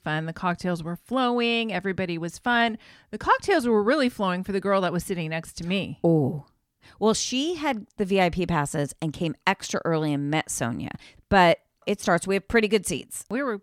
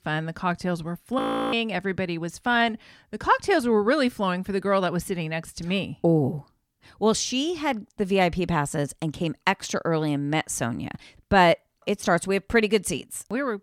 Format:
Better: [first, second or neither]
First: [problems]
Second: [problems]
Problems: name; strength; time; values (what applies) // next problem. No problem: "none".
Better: first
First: none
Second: audio freezing; at 1 s